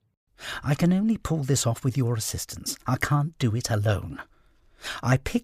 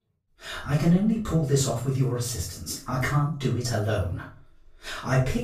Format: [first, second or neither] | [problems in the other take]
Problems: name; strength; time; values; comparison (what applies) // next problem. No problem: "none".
first | off-mic speech; far // room echo; noticeable; dies away in 0.3 s